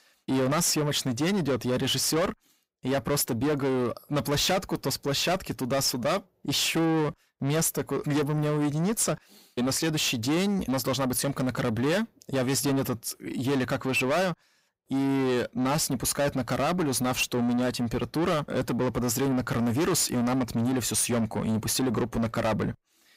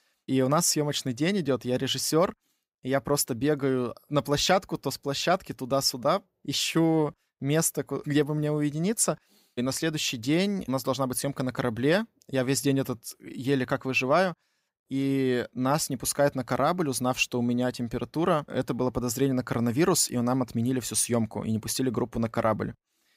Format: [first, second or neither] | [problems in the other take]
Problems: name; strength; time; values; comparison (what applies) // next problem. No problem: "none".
second | distortion; heavy; 7 dB below the speech